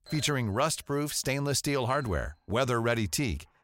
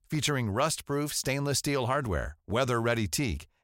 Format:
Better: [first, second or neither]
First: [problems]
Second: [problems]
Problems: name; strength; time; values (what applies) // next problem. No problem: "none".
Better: second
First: household noises; faint; throughout; 20 dB below the speech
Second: none